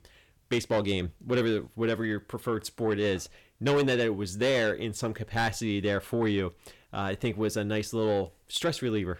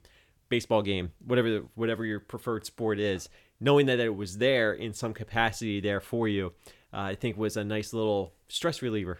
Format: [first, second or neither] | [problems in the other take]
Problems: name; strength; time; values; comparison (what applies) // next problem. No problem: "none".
second | distortion; slight; 10 dB below the speech